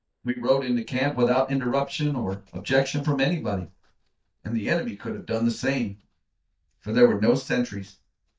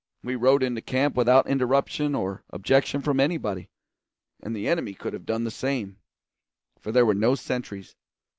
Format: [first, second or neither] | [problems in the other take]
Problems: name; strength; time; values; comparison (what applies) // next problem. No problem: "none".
second | noise reduction (neural mask model DeepFilterNet 3)